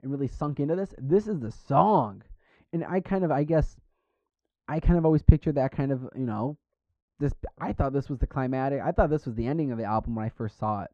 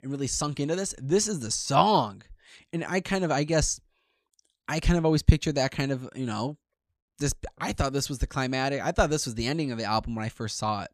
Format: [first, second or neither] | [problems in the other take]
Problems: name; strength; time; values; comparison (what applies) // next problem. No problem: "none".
second | muffled; very; fading above 3 kHz